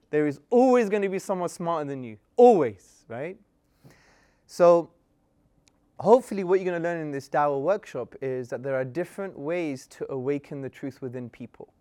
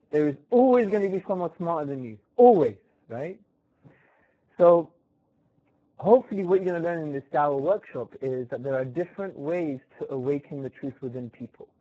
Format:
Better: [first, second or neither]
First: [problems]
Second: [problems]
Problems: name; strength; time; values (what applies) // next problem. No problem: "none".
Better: first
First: none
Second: garbled, watery; badly